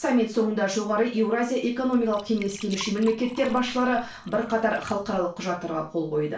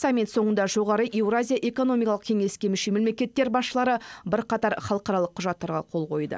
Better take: second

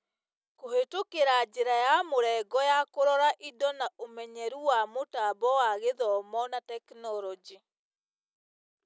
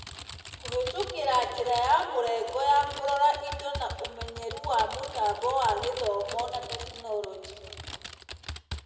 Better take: first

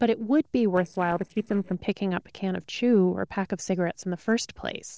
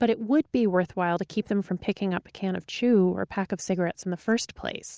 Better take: second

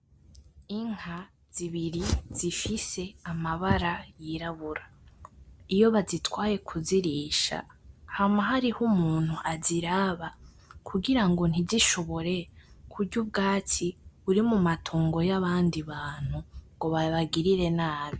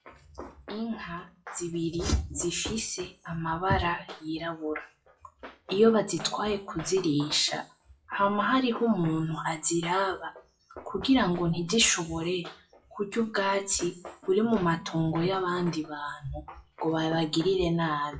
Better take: first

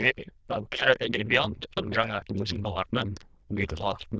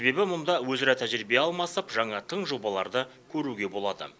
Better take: second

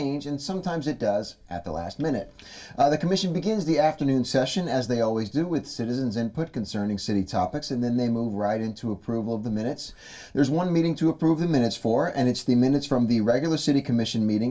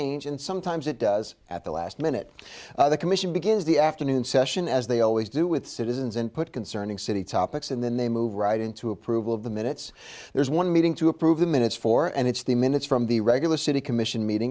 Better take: second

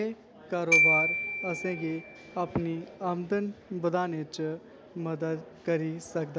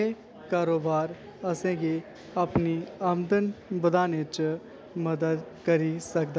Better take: second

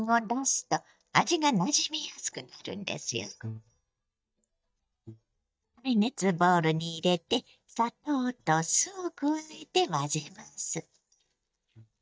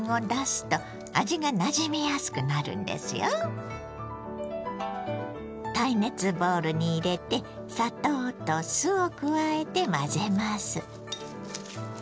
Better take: second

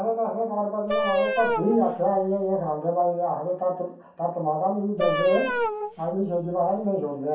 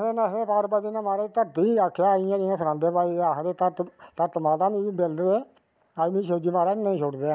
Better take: second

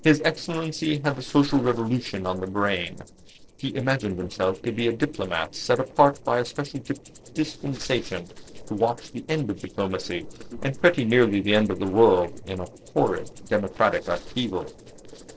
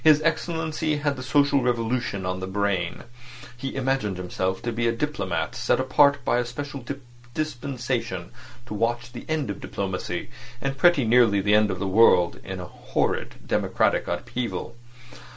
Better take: second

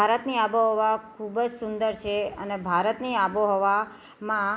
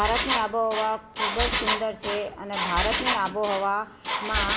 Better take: first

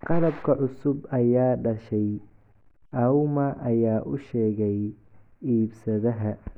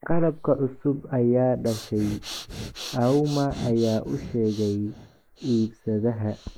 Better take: first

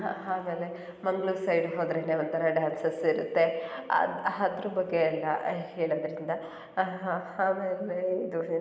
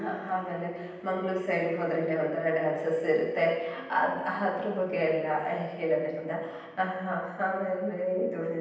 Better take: first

